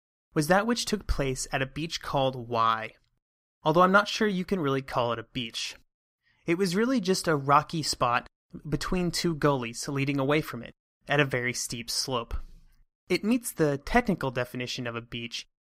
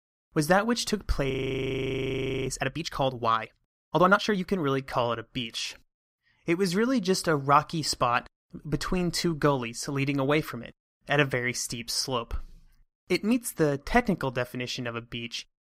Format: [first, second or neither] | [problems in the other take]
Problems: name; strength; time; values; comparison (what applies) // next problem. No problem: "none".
first | audio freezing; at 1.5 s for 1 s